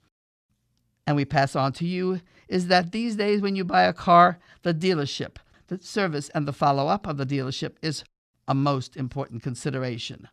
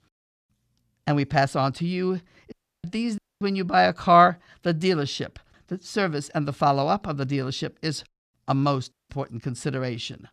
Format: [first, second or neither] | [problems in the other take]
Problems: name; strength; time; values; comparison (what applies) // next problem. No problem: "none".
first | audio cutting out; at 2.5 s, at 3 s and at 9 s